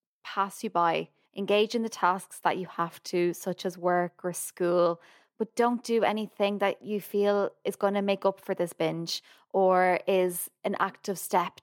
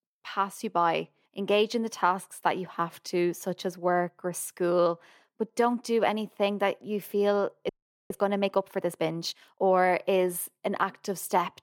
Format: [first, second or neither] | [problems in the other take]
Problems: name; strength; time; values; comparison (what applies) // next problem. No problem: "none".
first | audio freezing; at 7.5 s